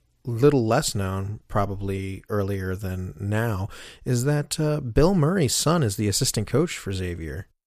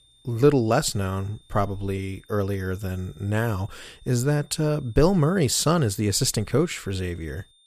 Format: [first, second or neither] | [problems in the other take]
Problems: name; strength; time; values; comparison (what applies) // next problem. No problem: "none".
first | high-pitched whine; faint; throughout; 3.5 kHz, 30 dB below the speech